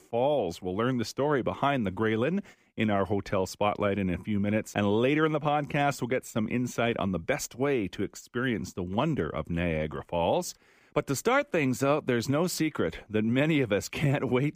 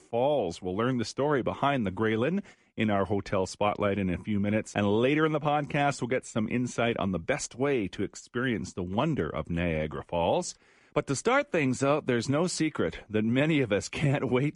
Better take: first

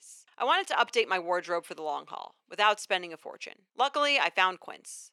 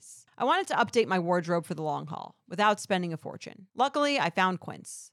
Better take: second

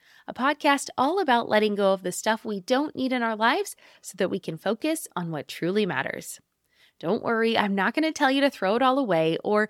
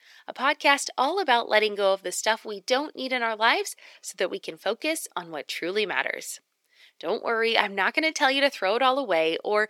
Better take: first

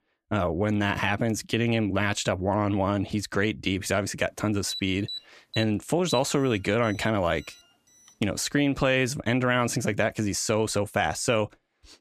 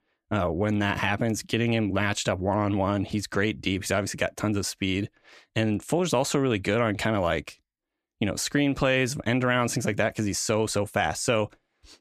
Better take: second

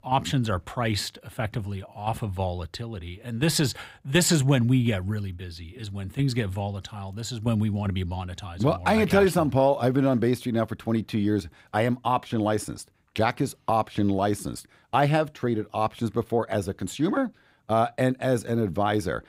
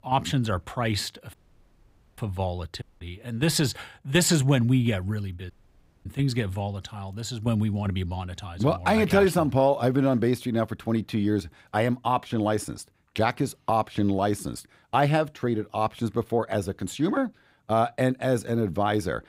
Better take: first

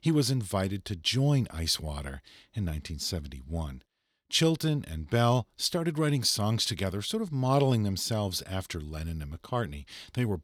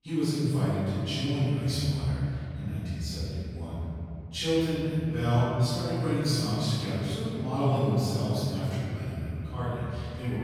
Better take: first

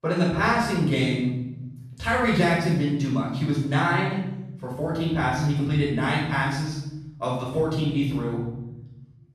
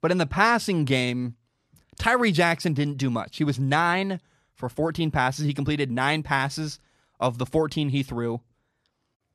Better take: second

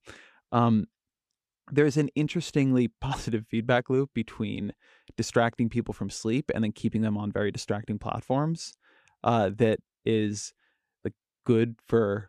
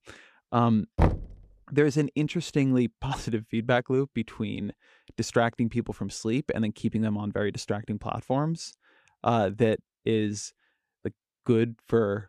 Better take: first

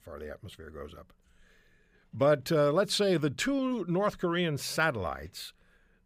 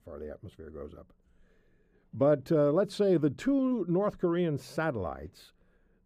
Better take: first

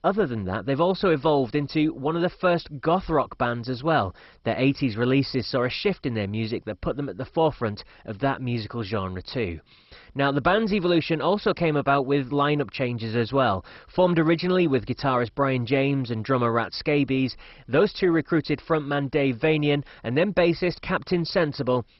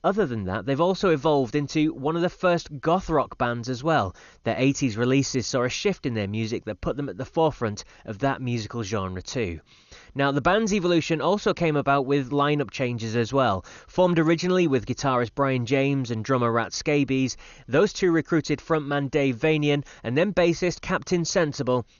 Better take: second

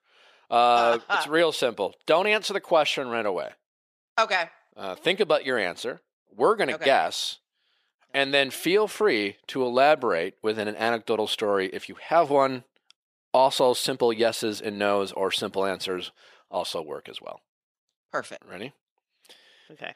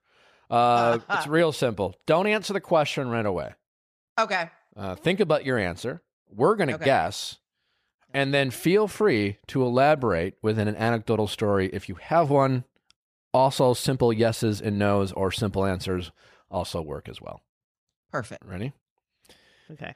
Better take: second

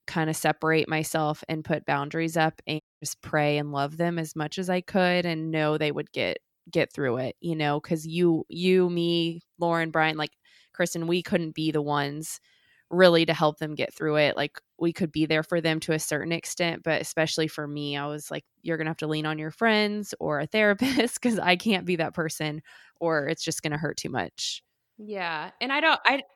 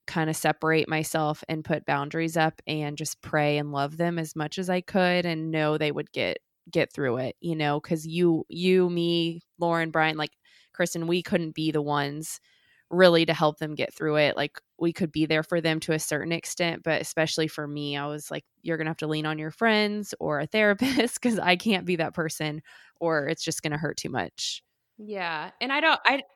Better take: second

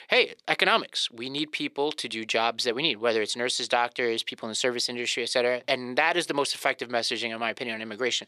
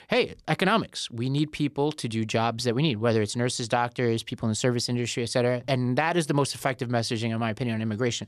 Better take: second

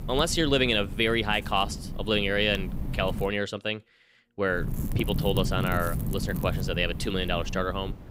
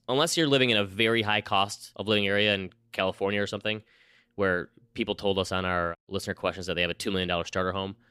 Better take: second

